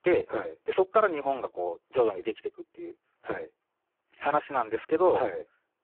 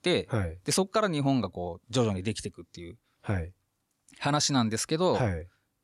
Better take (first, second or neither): second